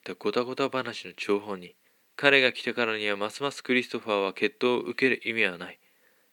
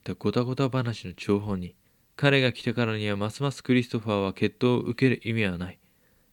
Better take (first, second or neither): second